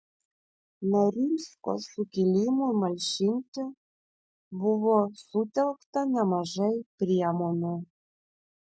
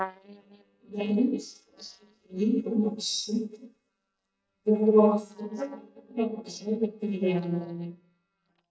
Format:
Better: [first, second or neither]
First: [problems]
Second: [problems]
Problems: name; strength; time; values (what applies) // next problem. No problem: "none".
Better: first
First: none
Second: noise reduction (neural mask model DeepFilterNet 3)